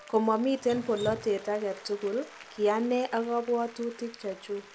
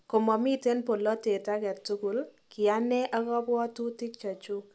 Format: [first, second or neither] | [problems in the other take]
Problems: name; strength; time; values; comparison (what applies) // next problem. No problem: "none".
second | background sound (Applause + Drip); 18 dB below the speech